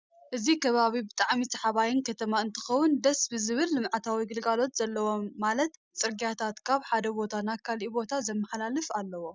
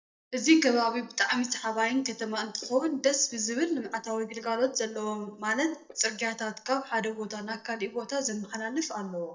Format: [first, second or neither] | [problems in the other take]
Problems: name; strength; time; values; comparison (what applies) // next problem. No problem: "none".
first | noise reduction (neural mask model DeepFilterNet 3)